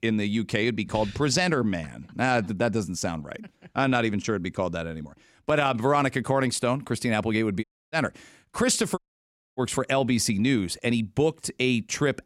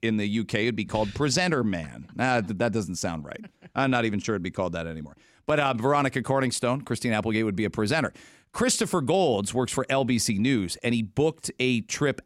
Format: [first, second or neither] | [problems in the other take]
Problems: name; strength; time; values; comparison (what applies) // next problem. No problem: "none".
second | audio cutting out; at 7.5 s and at 9 s for 0.5 s